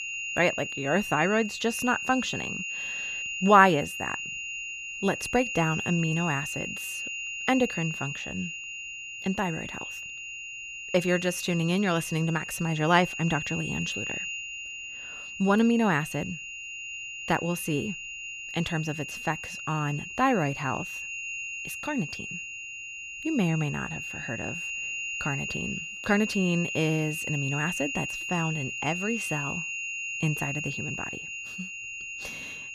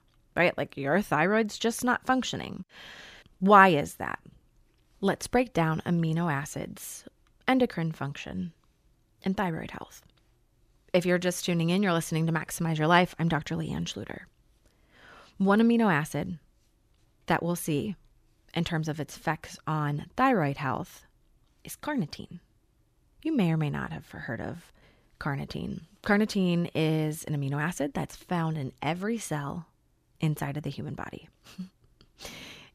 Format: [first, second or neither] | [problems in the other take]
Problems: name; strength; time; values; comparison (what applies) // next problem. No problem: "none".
second | high-pitched whine; loud; throughout; 3 kHz, 5 dB below the speech